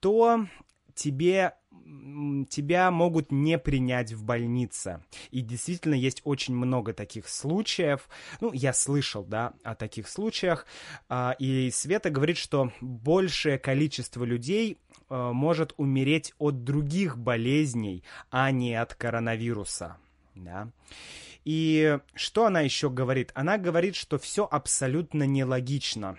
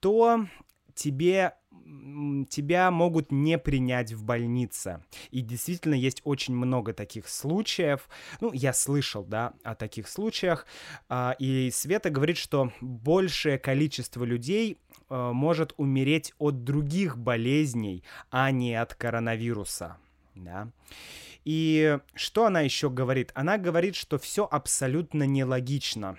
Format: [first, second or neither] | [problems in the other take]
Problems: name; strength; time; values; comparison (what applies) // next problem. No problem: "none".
second | garbled, watery; slightly; nothing above 11 kHz